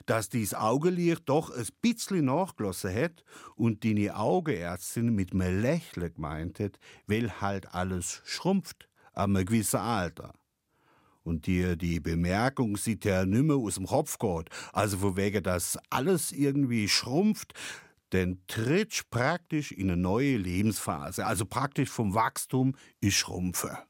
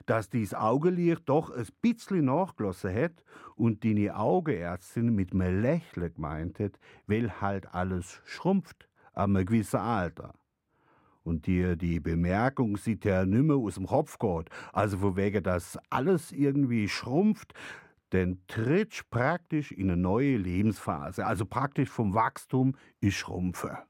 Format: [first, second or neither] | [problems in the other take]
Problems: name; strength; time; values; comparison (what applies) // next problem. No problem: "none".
first | muffled; slightly; fading above 3 kHz